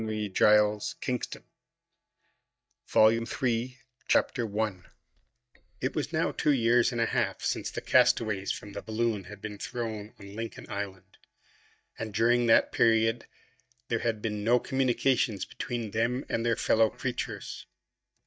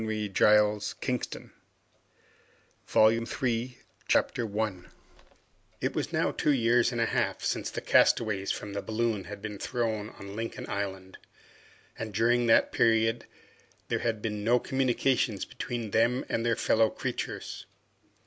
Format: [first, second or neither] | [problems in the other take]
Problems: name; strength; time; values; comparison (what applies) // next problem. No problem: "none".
second | noise reduction (neural mask model DeepFilterNet 3)